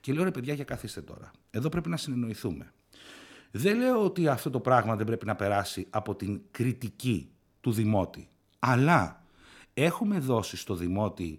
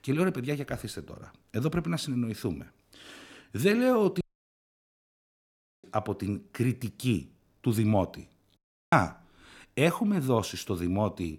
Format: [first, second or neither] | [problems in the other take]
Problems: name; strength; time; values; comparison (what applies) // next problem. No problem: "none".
first | audio cutting out; at 4 s for 1.5 s and at 8.5 s